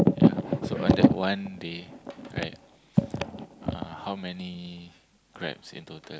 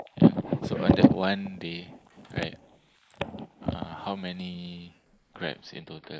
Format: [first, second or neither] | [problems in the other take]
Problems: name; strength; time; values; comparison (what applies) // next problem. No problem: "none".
first | noise reduction (neural mask model Resemble Enhance denoiser)